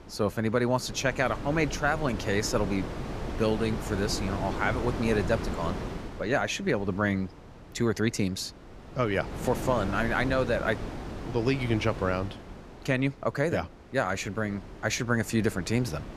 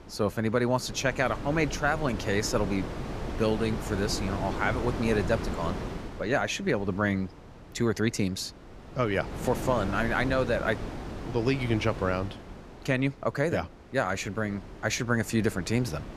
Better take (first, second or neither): neither